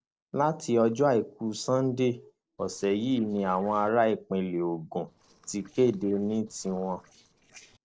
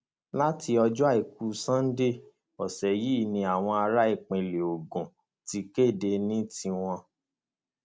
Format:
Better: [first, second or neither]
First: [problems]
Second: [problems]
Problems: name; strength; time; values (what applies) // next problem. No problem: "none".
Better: second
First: noise reduction (neural separator model SepFormer DNS4)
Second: none